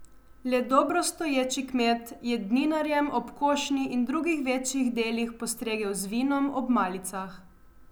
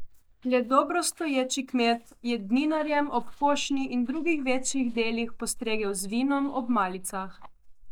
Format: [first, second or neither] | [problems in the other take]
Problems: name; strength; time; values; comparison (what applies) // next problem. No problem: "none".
first | noise reduction (neural mask model DeepFilterNet 3)